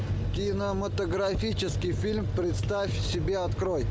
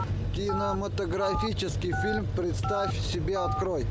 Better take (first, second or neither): first